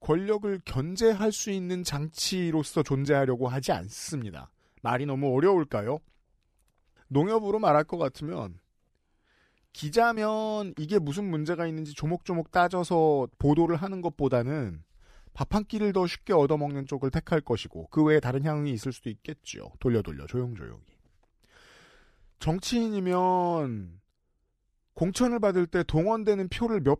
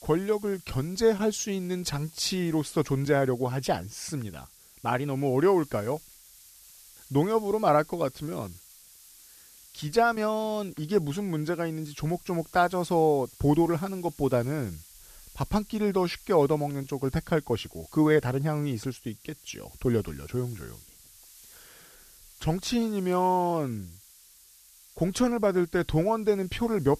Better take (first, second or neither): first